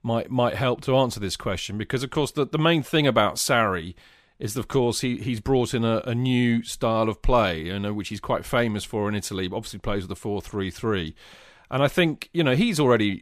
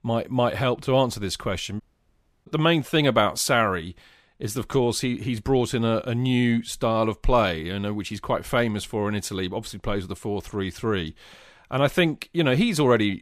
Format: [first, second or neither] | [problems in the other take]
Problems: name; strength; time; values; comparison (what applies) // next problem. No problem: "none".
first | audio cutting out; at 2 s for 0.5 s